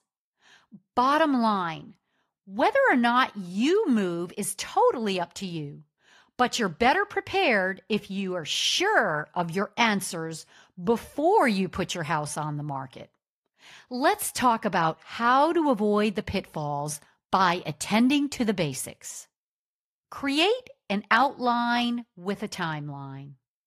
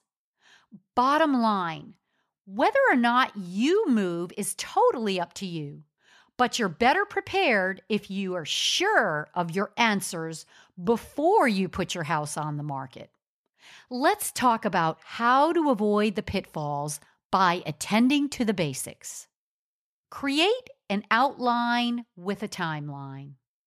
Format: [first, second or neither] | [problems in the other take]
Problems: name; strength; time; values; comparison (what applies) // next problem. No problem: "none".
second | garbled, watery; slightly; nothing above 14.5 kHz